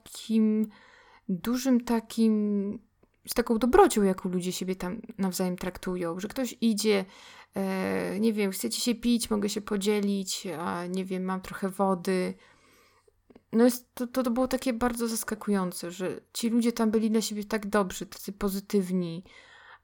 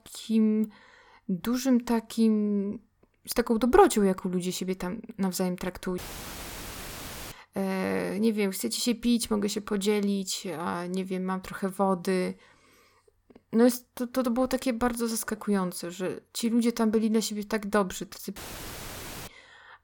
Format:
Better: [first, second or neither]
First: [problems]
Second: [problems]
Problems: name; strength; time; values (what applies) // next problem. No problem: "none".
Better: first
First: none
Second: audio cutting out; filled with static; at 6 s for 1.5 s and at 18 s for 1 s